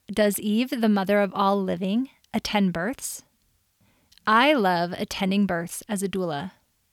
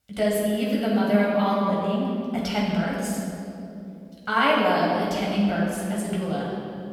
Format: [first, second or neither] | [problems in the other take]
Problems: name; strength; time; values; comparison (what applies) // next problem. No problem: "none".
first | room echo; strong; dies away in 2.4 s // off-mic speech; far